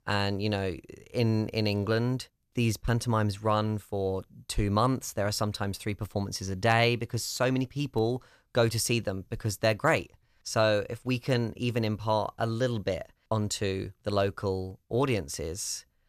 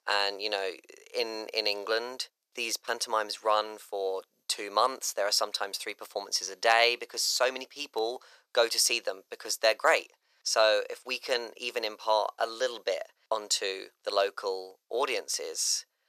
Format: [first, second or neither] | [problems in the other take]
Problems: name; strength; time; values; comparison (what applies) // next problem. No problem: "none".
first | thin; very; fading below 450 Hz